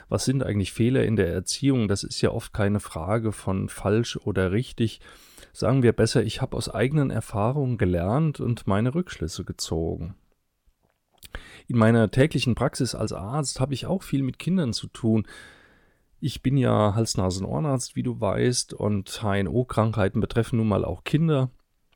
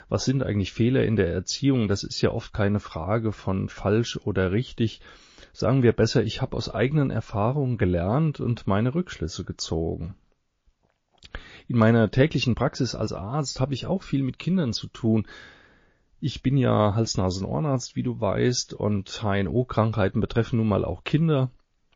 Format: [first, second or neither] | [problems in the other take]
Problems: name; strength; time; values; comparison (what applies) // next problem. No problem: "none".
first | garbled, watery; slightly; nothing above 6 kHz